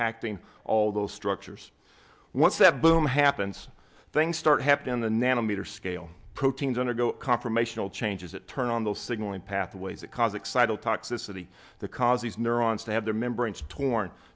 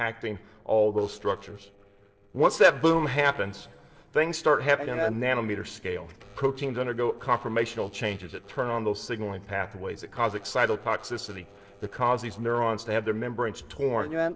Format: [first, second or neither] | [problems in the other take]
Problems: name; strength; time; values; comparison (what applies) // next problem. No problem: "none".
first | noise reduction (neural separator model SepFormer DNS4)